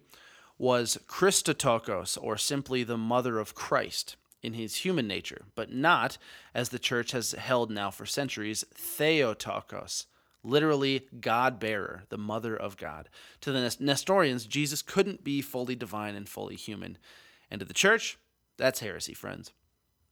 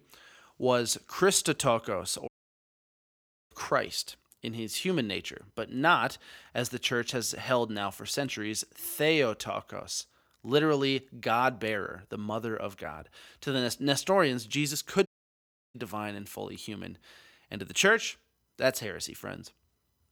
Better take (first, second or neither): first